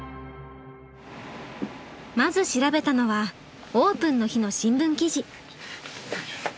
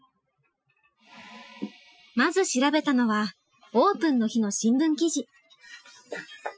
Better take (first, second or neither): first